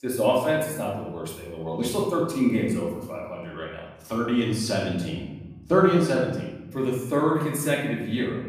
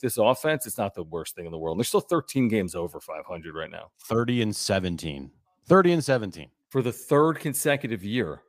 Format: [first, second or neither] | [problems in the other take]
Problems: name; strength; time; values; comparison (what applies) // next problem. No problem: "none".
second | off-mic speech; far // room echo; noticeable; dies away in 1 s